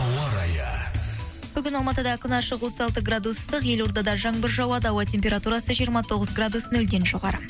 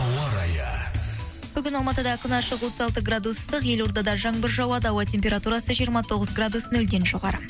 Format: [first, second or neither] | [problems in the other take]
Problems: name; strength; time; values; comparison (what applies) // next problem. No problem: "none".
first | background sound (Tools); 19 dB below the speech